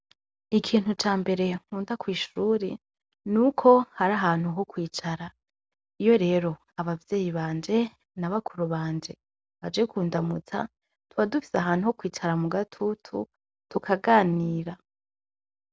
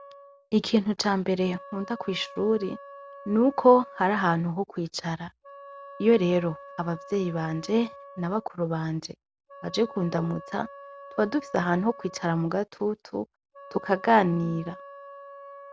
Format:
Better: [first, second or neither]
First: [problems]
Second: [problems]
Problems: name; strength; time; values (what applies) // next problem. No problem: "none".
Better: first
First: none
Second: background sound (Wind instrument, woodwind instrument); 19 dB below the speech